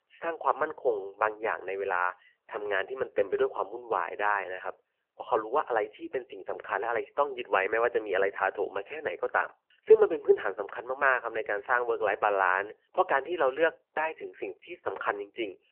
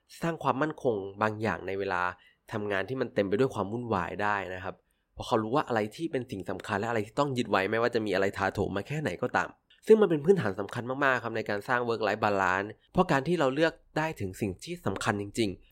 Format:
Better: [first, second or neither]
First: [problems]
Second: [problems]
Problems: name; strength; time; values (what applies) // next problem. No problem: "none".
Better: second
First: phone-call audio; nothing above 3 kHz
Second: none